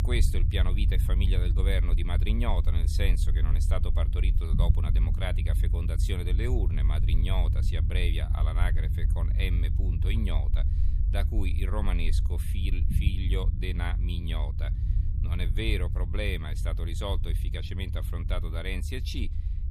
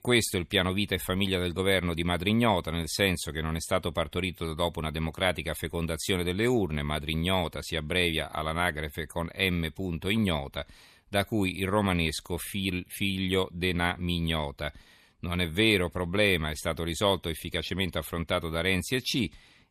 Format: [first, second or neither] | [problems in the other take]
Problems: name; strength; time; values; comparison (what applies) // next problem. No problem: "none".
second | low rumble; loud; throughout; 8 dB below the speech